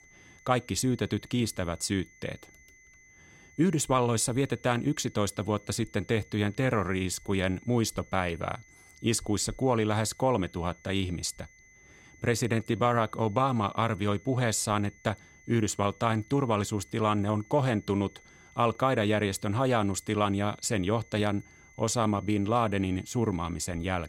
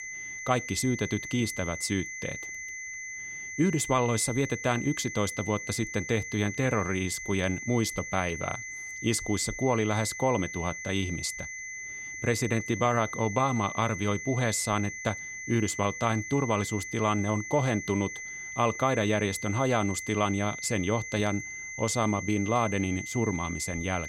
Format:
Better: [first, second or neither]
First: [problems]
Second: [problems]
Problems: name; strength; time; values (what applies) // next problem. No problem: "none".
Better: first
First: high-pitched whine; faint; throughout; 2 kHz, 25 dB below the speech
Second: high-pitched whine; loud; throughout; 2 kHz, 8 dB below the speech